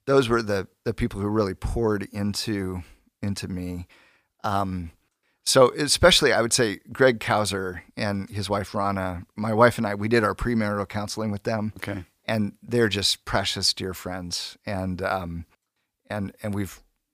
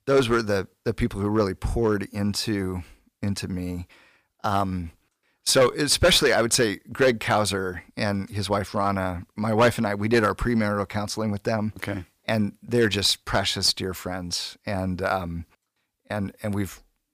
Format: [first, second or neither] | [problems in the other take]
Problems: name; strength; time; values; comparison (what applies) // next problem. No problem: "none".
first | distortion; slight; 2% of the sound clipped